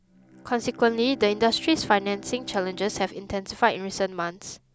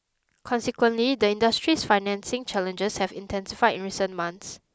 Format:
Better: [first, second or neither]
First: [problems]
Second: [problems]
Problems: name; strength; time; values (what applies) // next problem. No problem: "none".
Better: second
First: background sound (Bowed string instrument); 19 dB below the speech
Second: none